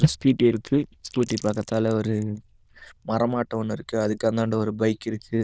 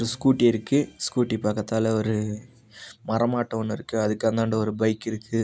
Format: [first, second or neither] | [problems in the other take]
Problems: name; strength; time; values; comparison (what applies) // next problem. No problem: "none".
second | noise reduction (neural diffusion model UNIVERSE++)